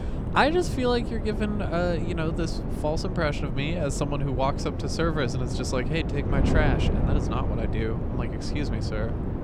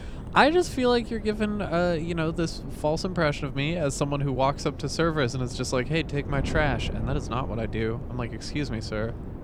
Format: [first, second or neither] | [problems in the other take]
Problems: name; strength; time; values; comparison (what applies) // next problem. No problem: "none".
second | wind noise on the microphone; heavy; 7 dB below the speech; occasional gusts in the second